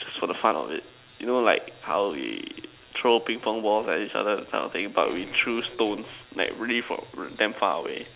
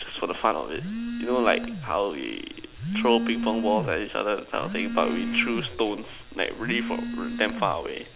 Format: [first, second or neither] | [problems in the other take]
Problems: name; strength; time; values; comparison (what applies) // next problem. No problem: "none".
first | background sound (Telephone); 5 dB below the speech